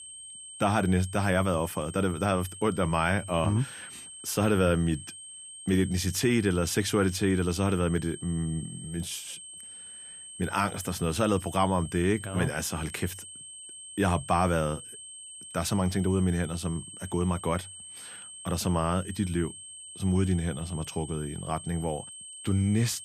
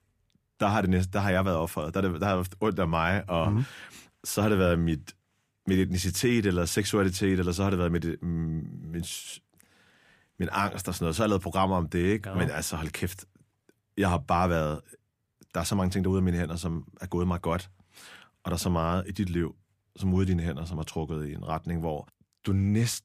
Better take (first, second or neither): second